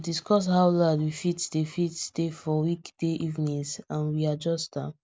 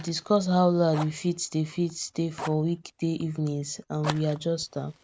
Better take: first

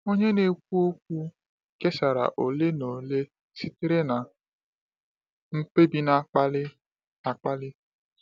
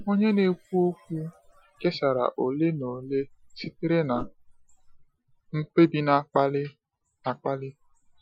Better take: first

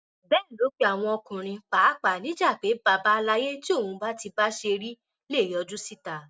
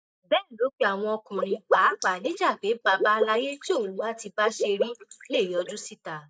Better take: first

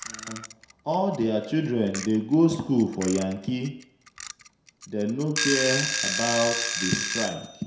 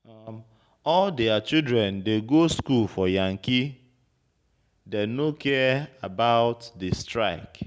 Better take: second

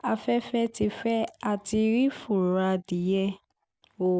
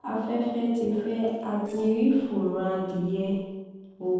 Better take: first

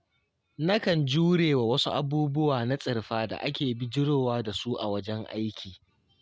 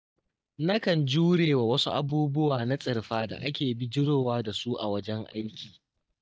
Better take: first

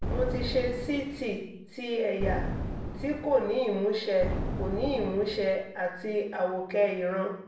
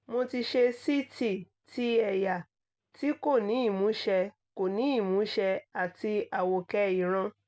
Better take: second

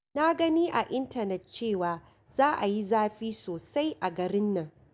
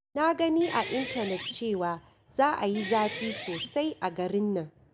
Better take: first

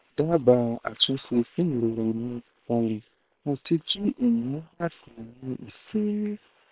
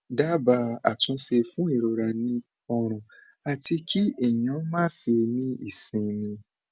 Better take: second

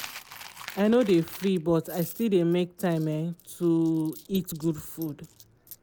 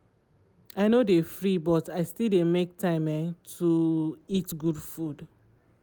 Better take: second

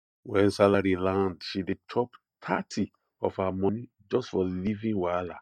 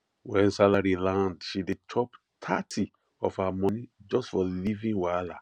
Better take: second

